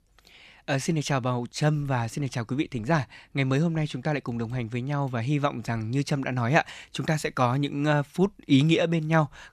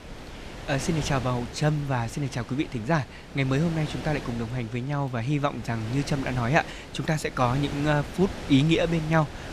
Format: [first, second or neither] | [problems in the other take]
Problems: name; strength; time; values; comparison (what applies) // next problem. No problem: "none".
first | wind noise on the microphone; occasional gusts; 10 dB below the speech